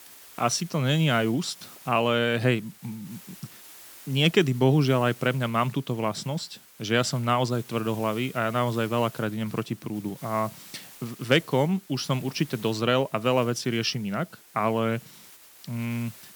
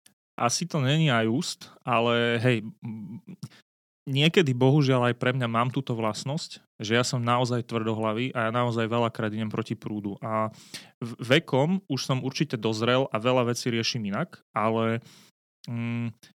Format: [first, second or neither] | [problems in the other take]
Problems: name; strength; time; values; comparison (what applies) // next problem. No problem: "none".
second | hiss; faint; throughout; 20 dB below the speech